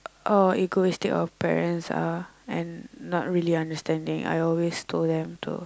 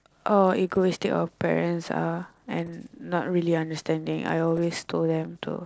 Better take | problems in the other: first | noise reduction (neural separator model SepFormer DNS4)

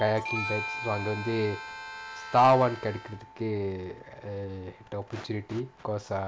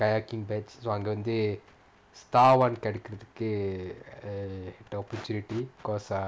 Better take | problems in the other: second | background sound (Harmonica + Bell / Doorbell); 11 dB below the speech

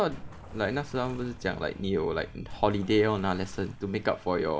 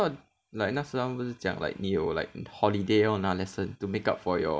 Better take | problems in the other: second | background sound (Explosion + Water / Splash, splatter); 14 dB below the speech

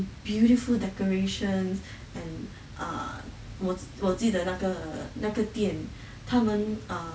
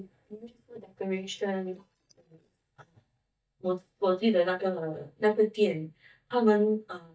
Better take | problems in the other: first | noise reduction (neural mask model DeepFilterNet 3)

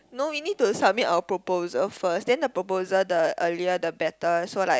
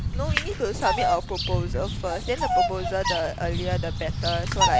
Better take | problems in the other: first | background sound (Thunder / Bicycle + Bird vocalization, bird call, bird song); 4 dB above the speech

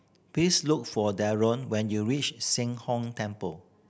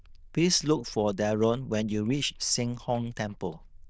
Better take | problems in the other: first | noise reduction (neural diffusion model UNIVERSE++)

